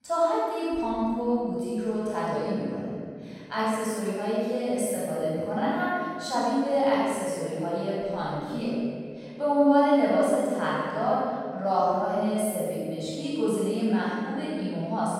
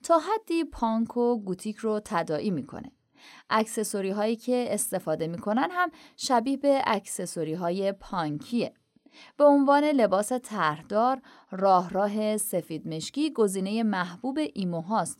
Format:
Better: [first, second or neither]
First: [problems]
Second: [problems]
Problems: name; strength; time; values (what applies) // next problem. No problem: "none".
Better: second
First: off-mic speech; far // room echo; strong; dies away in 2 s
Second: none